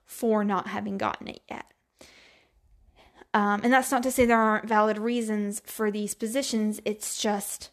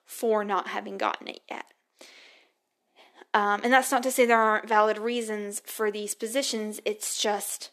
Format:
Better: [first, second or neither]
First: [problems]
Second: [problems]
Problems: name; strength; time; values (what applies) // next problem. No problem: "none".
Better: first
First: none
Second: thin; very slightly; fading below 300 Hz